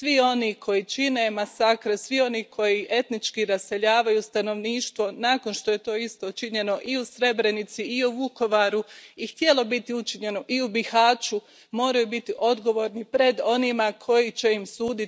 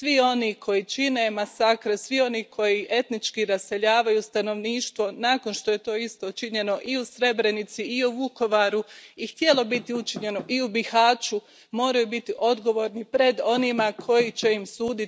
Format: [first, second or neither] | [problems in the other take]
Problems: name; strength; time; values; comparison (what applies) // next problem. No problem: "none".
first | background sound (Knock / Wood); 16 dB below the speech